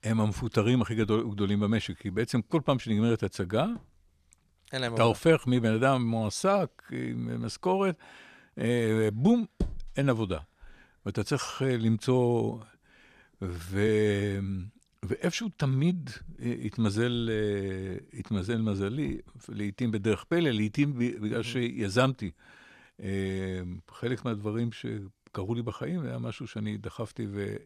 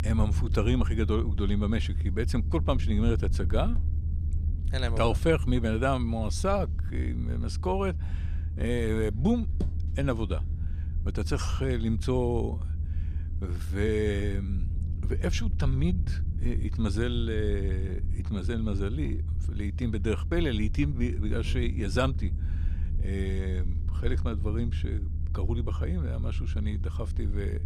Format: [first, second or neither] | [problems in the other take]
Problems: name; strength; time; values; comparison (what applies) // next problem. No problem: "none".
first | low rumble; noticeable; throughout; 15 dB below the speech